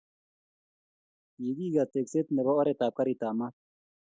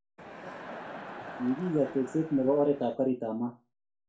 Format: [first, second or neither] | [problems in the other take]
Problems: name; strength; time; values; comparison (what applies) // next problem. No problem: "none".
first | background sound (Crowd); 13 dB below the speech // room echo; dies away in 0.3 s